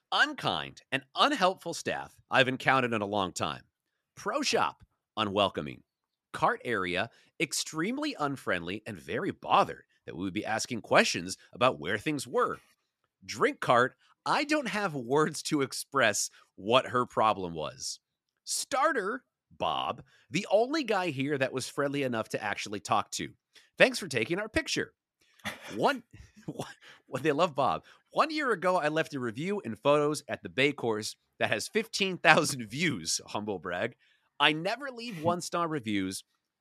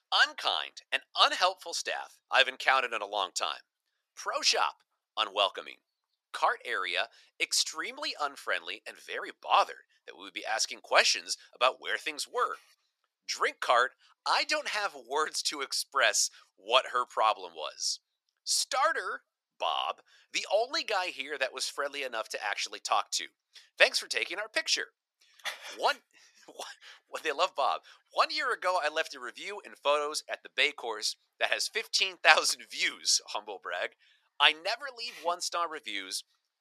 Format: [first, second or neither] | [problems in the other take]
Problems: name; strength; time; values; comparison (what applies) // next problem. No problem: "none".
first | thin; very; fading below 550 Hz